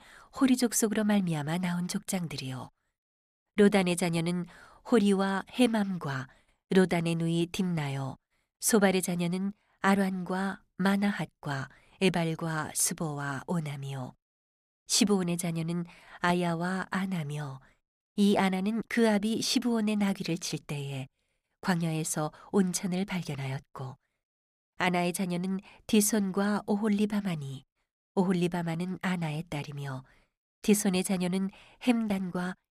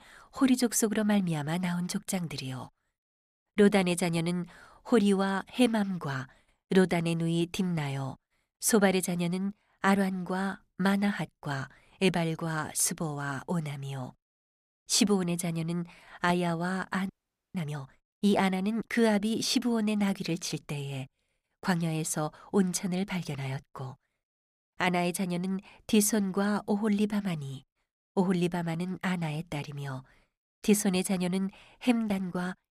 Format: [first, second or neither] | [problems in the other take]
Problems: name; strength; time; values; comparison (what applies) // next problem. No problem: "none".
first | audio freezing; at 17 s